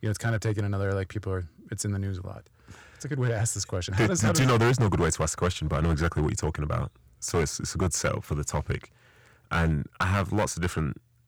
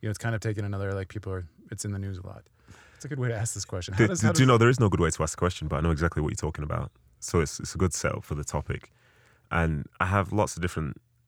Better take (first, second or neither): second